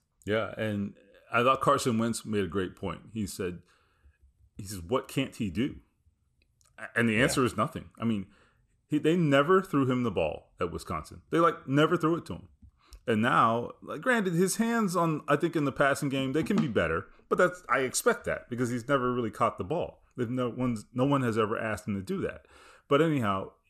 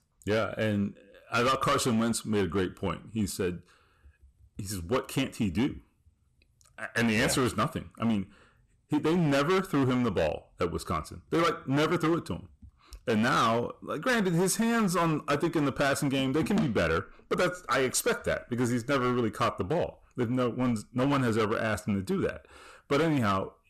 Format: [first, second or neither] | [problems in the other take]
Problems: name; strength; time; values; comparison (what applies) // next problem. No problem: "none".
first | distortion; heavy; 13% of the sound clipped